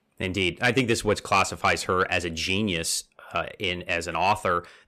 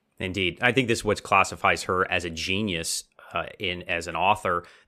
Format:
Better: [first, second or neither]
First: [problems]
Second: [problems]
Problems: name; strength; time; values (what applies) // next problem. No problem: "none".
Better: second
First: distortion; slight; 10 dB below the speech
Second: none